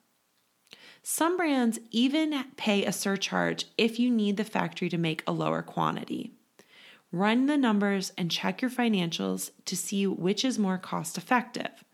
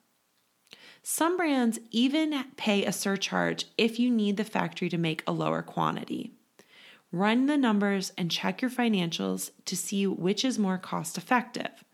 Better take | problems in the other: neither | none

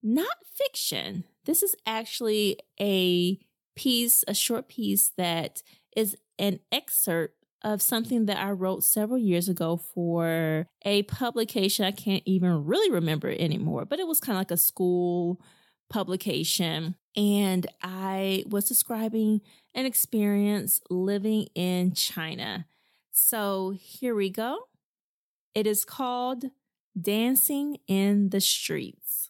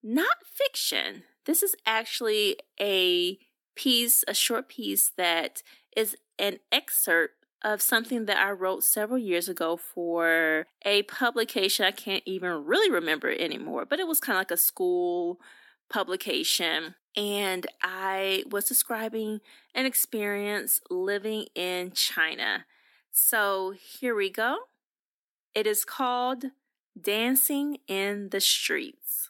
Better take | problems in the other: first | thin; somewhat; fading below 250 Hz

